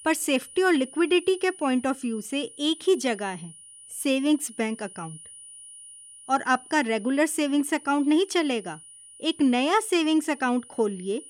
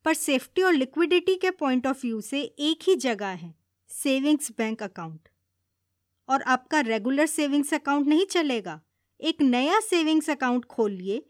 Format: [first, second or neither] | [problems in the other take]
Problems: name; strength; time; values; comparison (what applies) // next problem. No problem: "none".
second | high-pitched whine; noticeable; throughout; 9.5 kHz, 20 dB below the speech